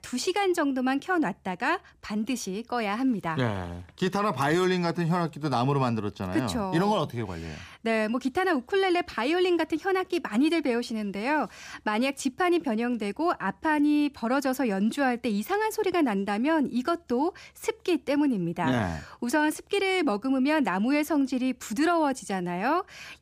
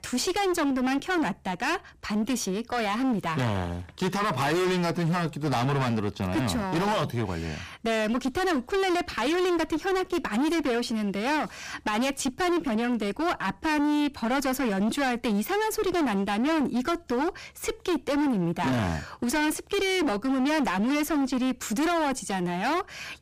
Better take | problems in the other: first | distortion; heavy; 28% of the sound clipped

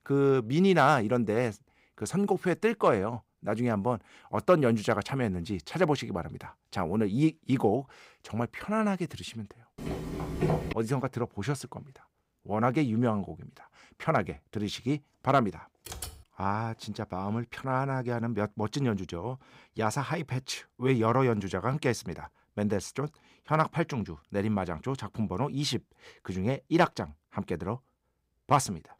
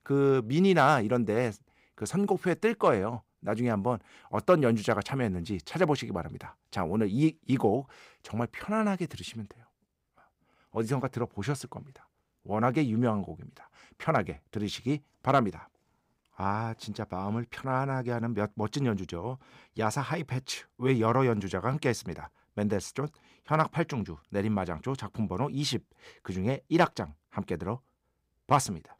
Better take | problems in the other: second | footsteps; loud; at 10 s; peak level with the speech // keyboard typing; faint; at 16 s; peak 10 dB below the speech

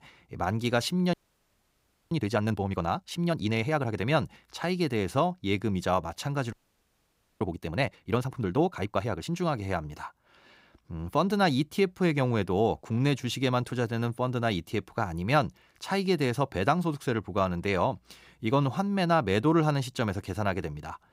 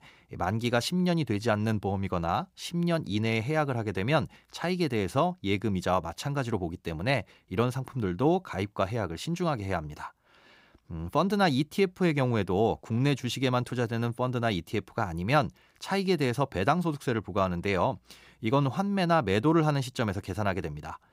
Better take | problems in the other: second | audio freezing; at 1 s for 1 s and at 6.5 s for 1 s

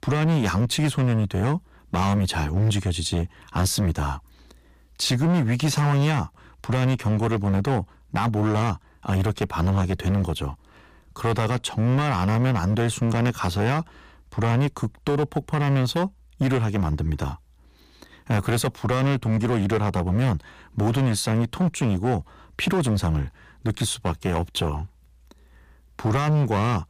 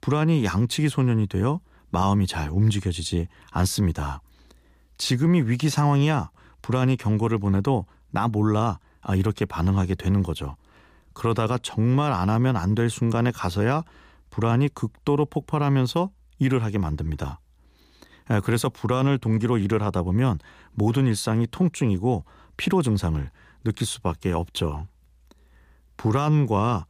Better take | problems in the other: second | distortion; slight; 12% of the sound clipped

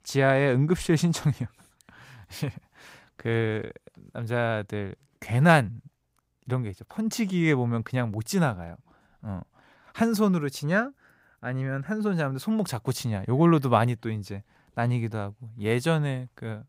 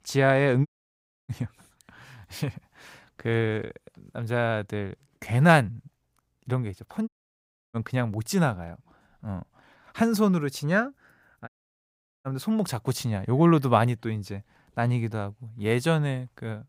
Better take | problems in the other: first | audio cutting out; at 0.5 s for 0.5 s, at 7 s for 0.5 s and at 11 s for 1 s

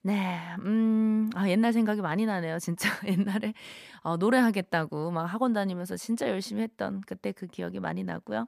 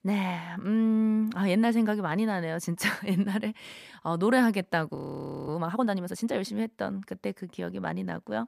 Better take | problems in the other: first | audio freezing; at 5 s for 0.5 s

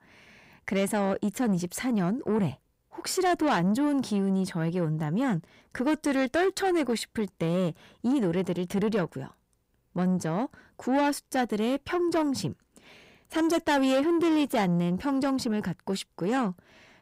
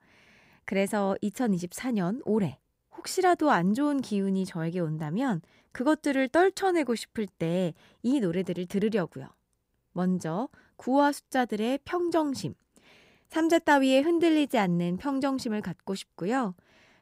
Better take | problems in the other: second | distortion; slight; 10 dB below the speech

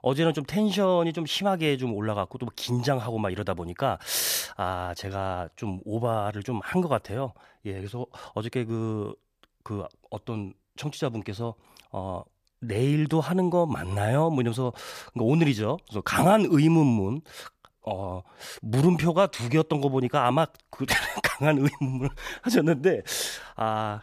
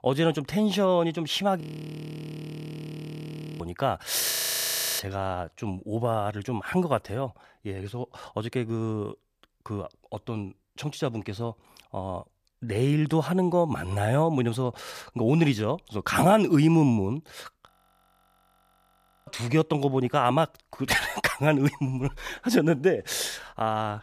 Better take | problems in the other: first | audio freezing; at 1.5 s for 2 s, at 4.5 s for 0.5 s and at 18 s for 1.5 s

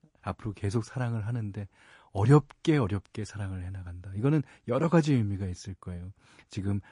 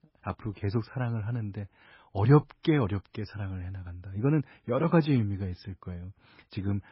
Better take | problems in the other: first | garbled, watery; badly; nothing above 5.5 kHz; slightly in the first

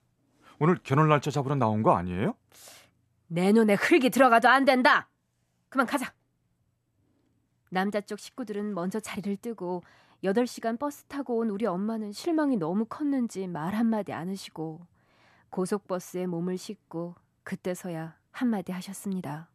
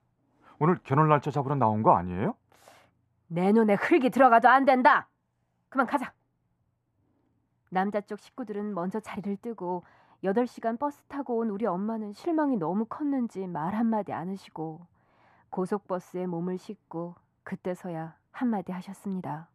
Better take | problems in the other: first | muffled; slightly; fading above 3 kHz

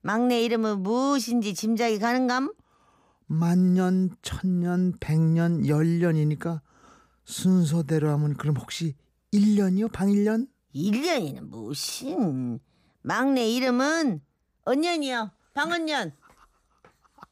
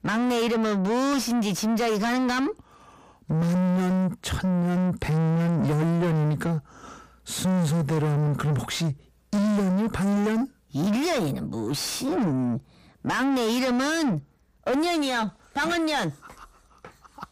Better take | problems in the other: first | distortion; heavy; 7 dB below the speech

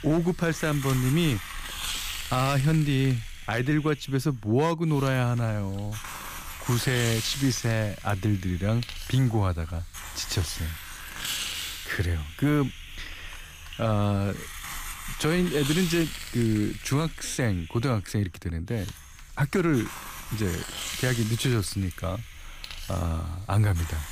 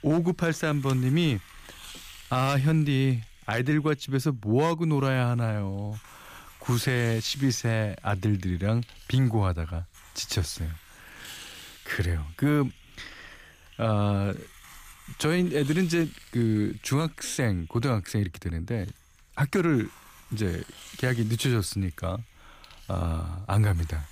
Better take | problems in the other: second | hiss; loud; throughout; 9 dB below the speech; faint in the second

